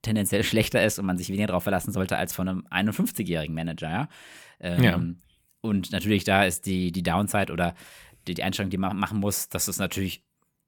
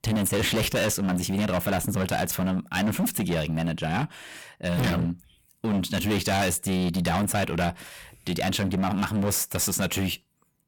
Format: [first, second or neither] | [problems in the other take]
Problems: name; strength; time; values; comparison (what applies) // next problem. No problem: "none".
first | distortion; heavy; 21% of the sound clipped